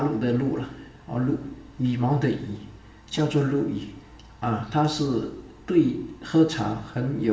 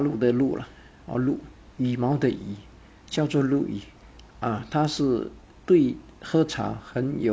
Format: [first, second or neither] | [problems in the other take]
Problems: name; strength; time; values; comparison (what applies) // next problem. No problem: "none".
second | room echo; dies away in 0.8 s